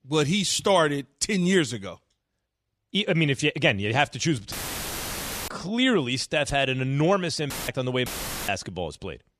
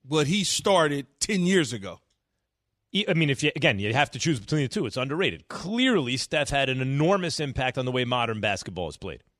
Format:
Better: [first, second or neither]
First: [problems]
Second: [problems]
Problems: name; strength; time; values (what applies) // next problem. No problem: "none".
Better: second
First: audio cutting out; filled with static; at 4.5 s for 1 s, at 7.5 s and at 8 s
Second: none